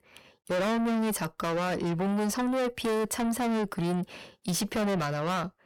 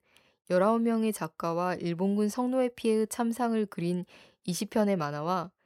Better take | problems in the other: second | distortion; heavy; 5 dB below the speech

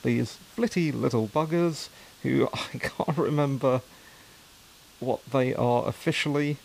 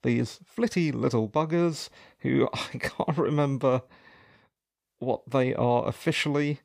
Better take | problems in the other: second | hiss; faint; throughout; 25 dB below the speech

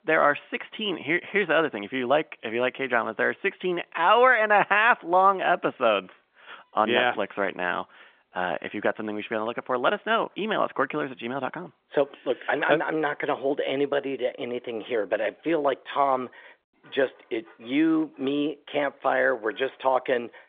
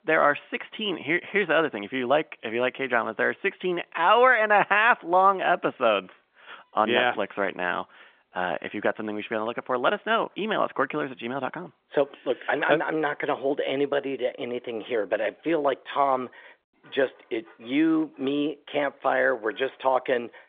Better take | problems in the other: neither | phone-call audio; nothing above 3.5 kHz; the same in both

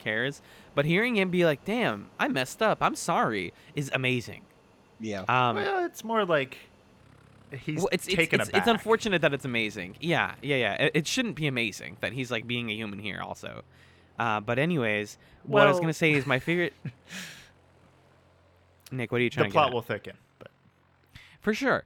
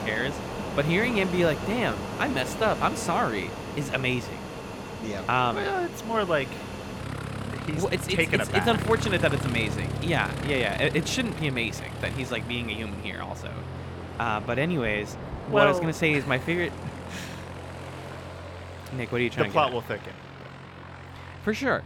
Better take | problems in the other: first | train or aircraft noise; loud; throughout; 8 dB below the speech; faint in the first

